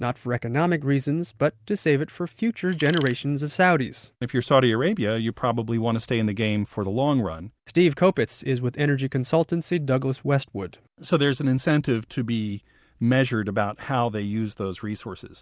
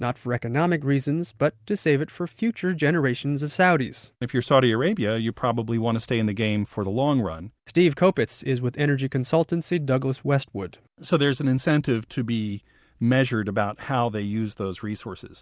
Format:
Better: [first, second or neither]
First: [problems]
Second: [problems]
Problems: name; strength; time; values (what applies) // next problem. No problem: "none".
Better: second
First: background sound (Tools); 15 dB below the speech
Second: none